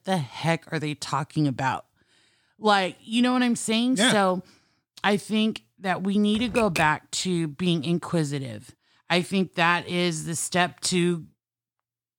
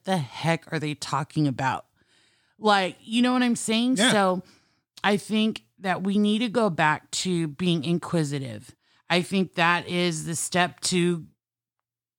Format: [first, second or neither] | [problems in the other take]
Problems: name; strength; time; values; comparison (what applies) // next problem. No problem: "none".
second | keyboard typing; noticeable; at 6.5 s; peak 5 dB below the speech